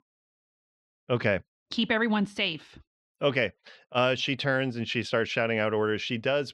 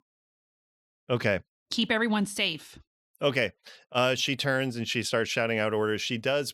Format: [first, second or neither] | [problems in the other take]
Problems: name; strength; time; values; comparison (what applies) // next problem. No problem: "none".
second | muffled; very slightly; fading above 3.5 kHz